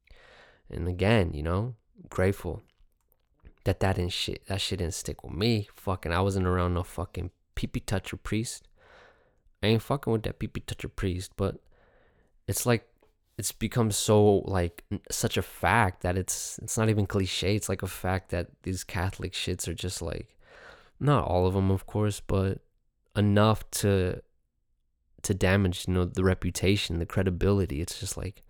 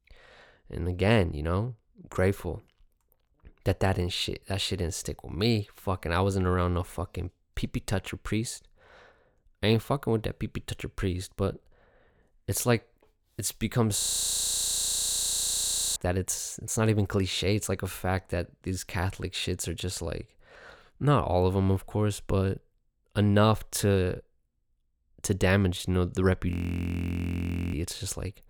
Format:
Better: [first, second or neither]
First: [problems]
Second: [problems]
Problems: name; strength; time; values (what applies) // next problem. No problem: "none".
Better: first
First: none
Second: audio freezing; at 14 s for 2 s and at 27 s for 1 s